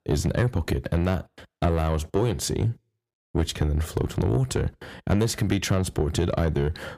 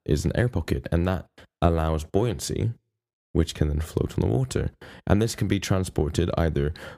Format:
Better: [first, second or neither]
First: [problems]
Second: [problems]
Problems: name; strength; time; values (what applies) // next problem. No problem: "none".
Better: second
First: distortion; slight; 10 dB below the speech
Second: none